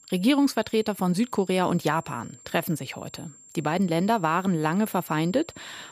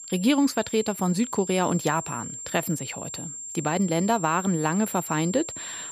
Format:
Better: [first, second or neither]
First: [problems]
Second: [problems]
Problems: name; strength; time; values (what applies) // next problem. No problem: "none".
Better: first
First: high-pitched whine; faint; throughout; 7.5 kHz, 25 dB below the speech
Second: high-pitched whine; loud; throughout; 7.5 kHz, 9 dB below the speech